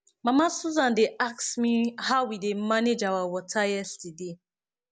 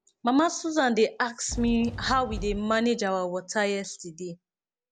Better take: first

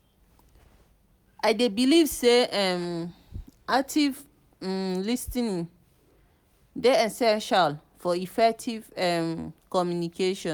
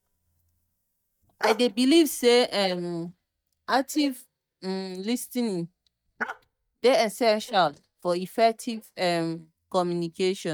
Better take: first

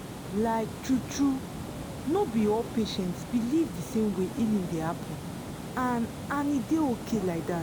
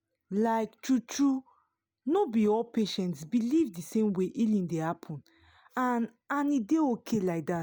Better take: second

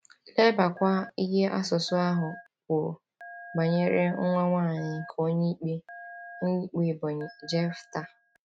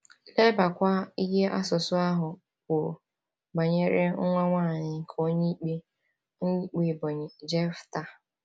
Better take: second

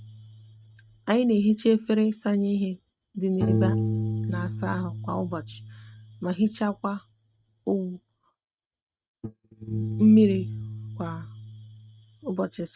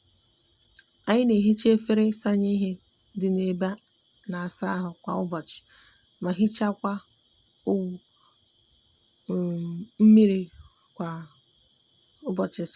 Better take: second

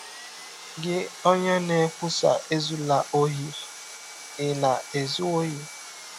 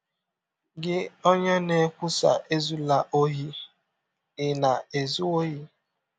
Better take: second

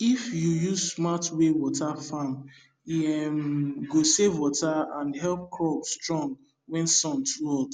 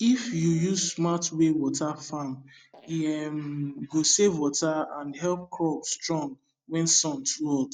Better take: first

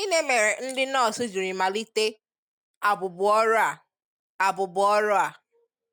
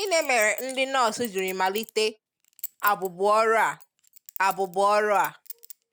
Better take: first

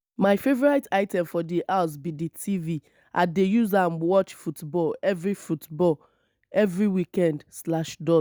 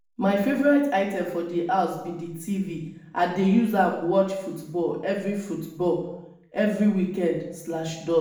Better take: first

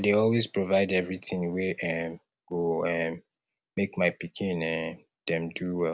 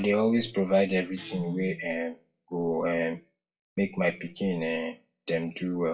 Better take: first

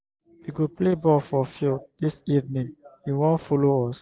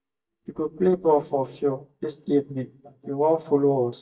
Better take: first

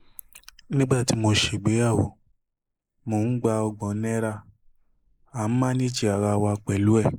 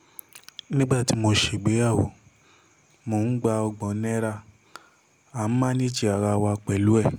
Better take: second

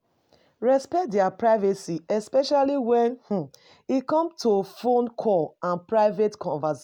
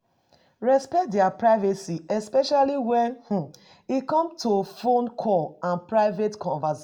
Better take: first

